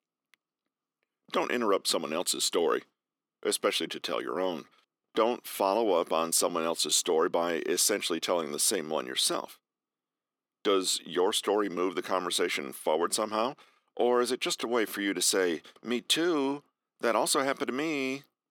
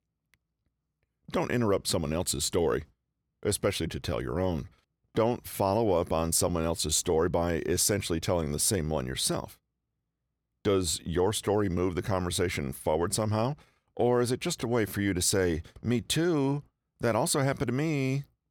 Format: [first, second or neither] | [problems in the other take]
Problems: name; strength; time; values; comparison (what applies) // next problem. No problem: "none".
second | thin; somewhat; fading below 250 Hz